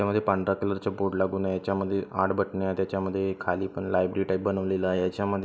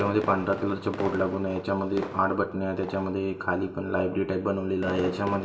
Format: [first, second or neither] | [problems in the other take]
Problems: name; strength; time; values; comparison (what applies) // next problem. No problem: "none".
first | background sound (Fireworks); 12 dB below the speech // room echo; dies away in 1.3 s